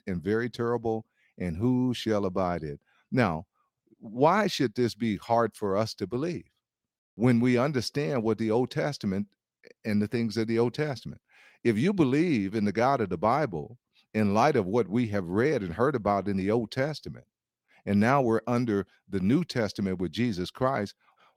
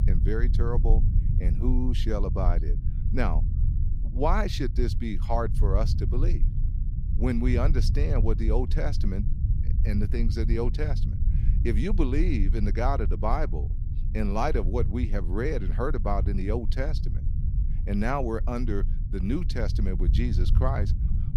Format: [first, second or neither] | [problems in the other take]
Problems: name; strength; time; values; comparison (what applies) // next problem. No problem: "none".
first | low rumble; noticeable; throughout; 10 dB below the speech